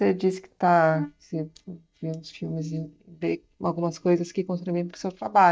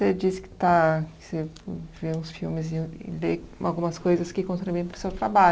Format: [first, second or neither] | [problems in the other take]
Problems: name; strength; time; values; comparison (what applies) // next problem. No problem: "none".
second | noise reduction (neural mask model DeepFilterNet 3)